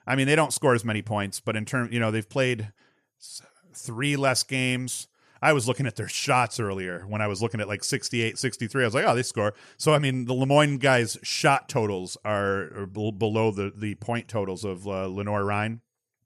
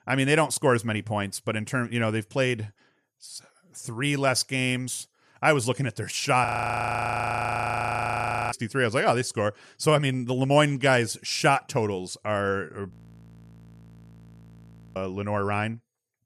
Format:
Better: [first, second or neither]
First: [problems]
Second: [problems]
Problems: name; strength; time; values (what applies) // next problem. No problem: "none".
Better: first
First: none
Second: audio freezing; at 6.5 s for 2 s and at 13 s for 2 s